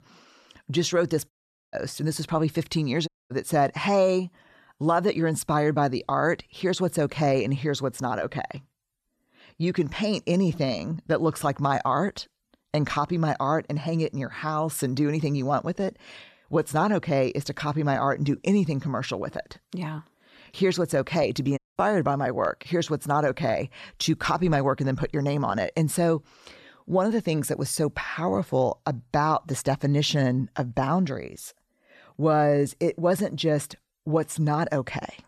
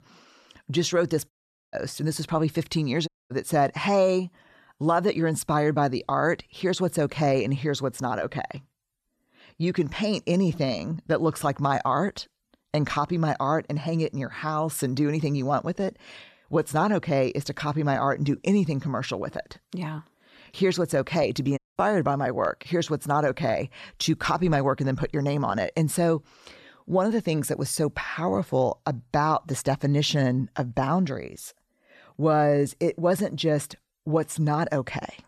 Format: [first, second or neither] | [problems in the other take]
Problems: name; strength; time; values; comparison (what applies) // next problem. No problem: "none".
neither | audio cutting out; at 1.5 s, at 3 s and at 22 s; the same in both